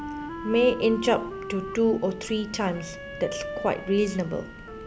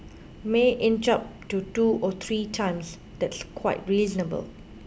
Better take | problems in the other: second | background sound (Wind instrument, woodwind instrument); 11 dB below the speech

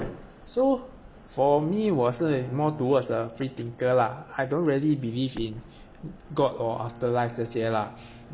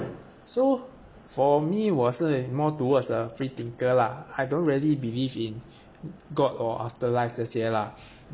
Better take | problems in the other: second | background sound (Explosion + Bowed string instrument); 19 dB below the speech

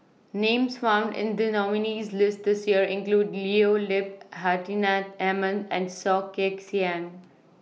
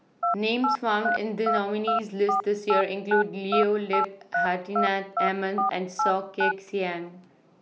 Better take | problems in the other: first | background sound (Telephone); as loud as the speech

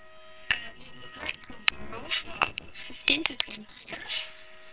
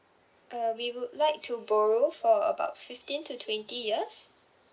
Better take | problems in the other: second | noise reduction (neural separator model SepFormer WHAMR!)

